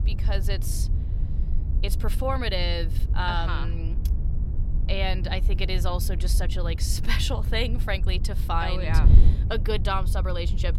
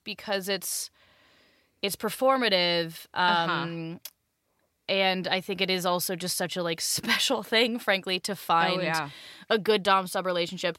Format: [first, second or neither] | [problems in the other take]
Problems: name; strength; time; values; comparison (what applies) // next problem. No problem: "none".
second | wind noise on the microphone; occasional gusts; 15 dB below the speech